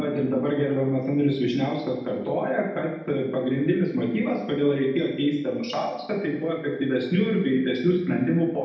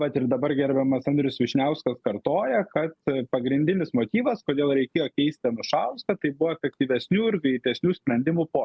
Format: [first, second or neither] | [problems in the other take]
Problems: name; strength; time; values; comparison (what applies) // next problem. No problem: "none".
second | room echo; dies away in 0.9 s